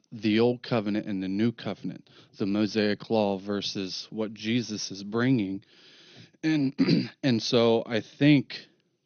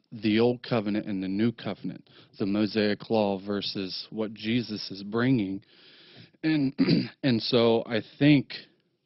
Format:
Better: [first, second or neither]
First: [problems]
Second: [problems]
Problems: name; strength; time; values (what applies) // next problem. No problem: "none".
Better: first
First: garbled, watery; slightly; nothing above 6.5 kHz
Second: garbled, watery; badly; nothing above 5.5 kHz